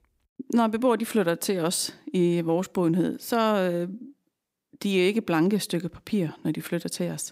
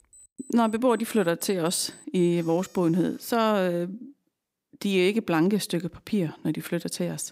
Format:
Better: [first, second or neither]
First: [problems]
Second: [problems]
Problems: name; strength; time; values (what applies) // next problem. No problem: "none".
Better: first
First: none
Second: alarms or sirens; faint; until 3 s; 25 dB below the speech